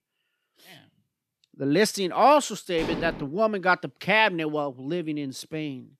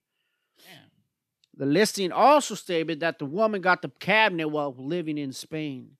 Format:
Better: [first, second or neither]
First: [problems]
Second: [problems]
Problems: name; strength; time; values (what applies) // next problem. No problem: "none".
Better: second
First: clattering dishes; noticeable; at 3 s; peak 8 dB below the speech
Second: none